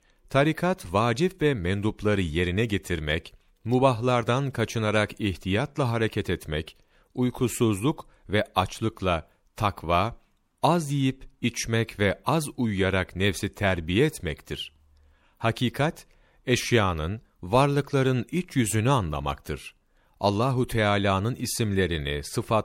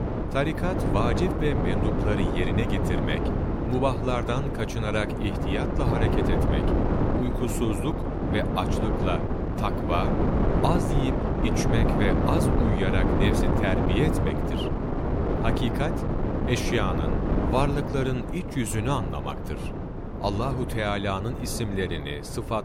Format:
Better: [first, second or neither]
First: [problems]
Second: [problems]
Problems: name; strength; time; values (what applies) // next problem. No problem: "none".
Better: first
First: none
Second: wind noise on the microphone; heavy; as loud as the speech